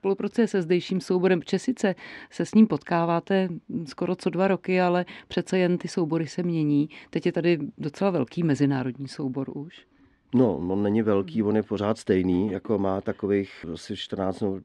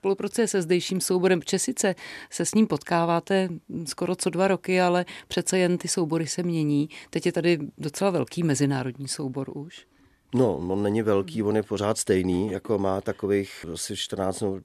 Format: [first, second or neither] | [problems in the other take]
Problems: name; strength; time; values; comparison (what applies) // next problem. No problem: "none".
second | muffled; slightly; fading above 3.5 kHz